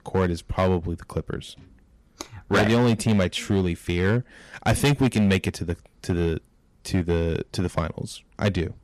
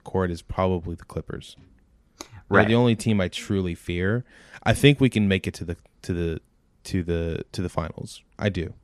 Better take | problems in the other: second | distortion; heavy; 6% of the sound clipped

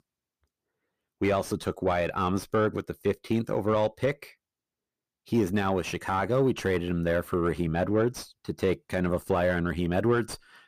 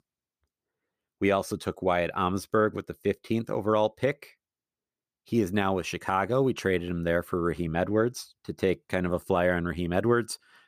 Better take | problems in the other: second | distortion; slight; 10 dB below the speech

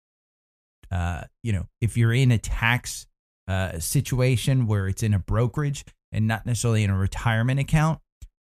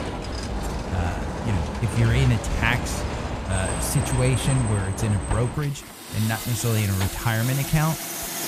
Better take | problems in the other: first | traffic noise; loud; throughout; 4 dB below the speech

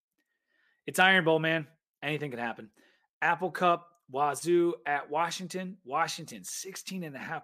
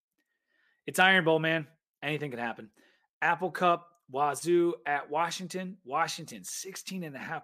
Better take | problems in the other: neither | none

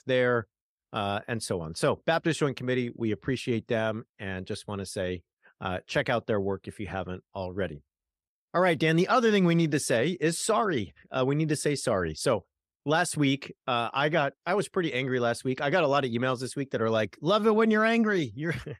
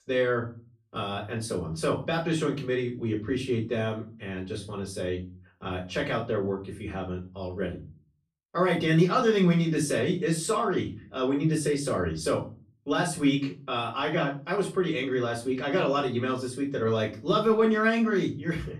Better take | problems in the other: first | off-mic speech; far // room echo; slight; dies away in 0.3 s

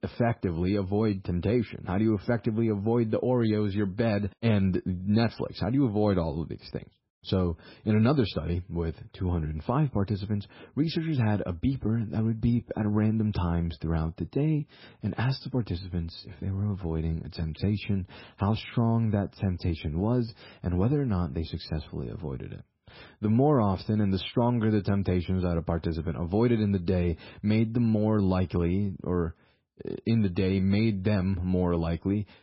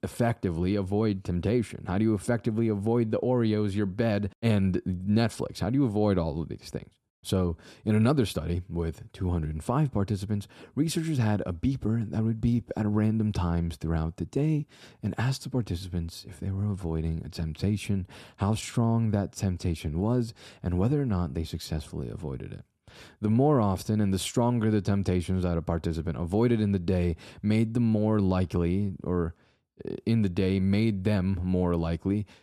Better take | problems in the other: second | garbled, watery; badly; nothing above 5.5 kHz

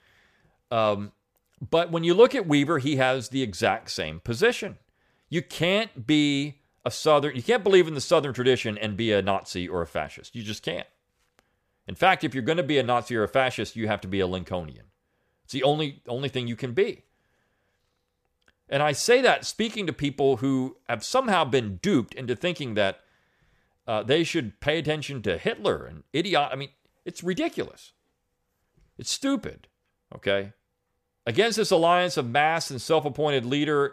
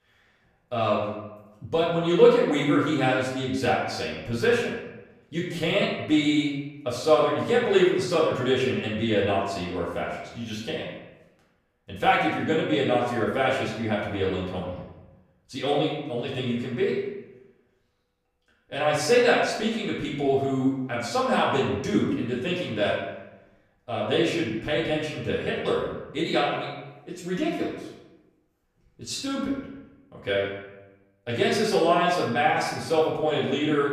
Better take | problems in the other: first | room echo; noticeable; dies away in 0.9 s // off-mic speech; far

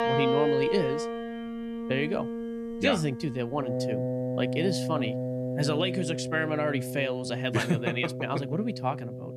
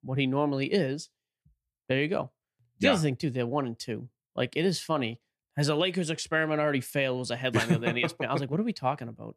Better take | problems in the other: second | background music; loud; throughout; 2 dB below the speech

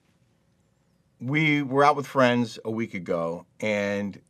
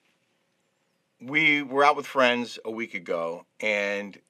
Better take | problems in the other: first | thin; very slightly; fading below 300 Hz

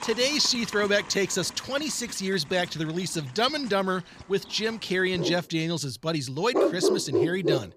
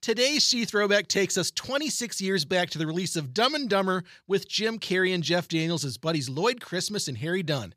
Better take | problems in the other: second | animal sounds; loud; throughout; 2 dB below the speech

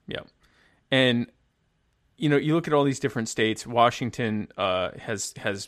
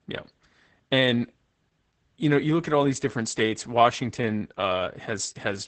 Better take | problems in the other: first | garbled, watery; badly; nothing above 8 kHz

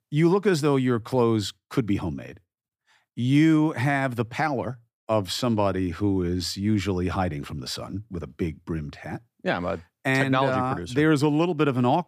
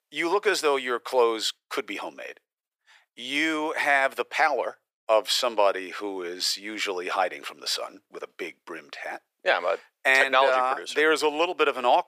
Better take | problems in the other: first | thin; very; fading below 500 Hz

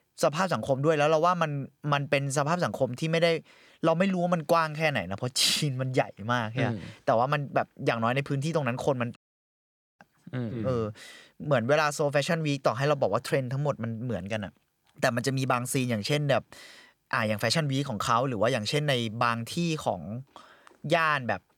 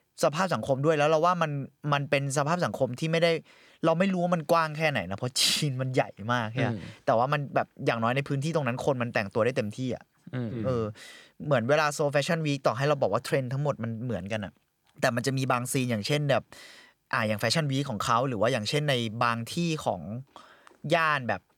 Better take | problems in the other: second | audio cutting out; at 9 s for 1 s

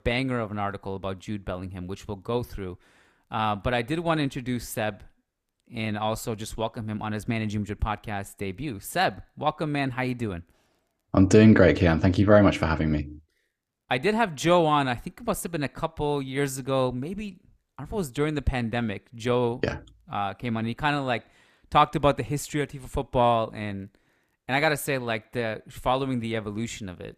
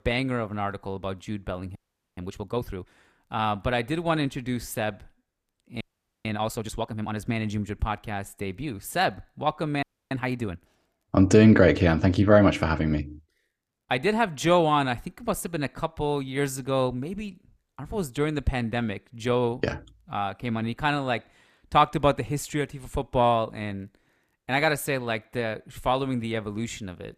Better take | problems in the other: first | audio freezing; at 2 s, at 6 s and at 10 s

